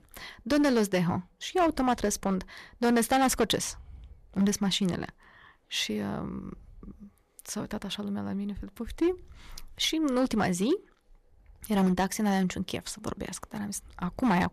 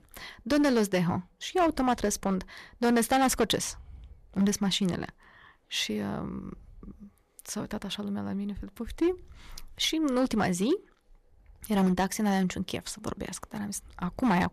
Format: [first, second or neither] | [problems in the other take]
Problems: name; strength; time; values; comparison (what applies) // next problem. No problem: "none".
neither | distortion; slight; 4% of the sound clipped; the same in both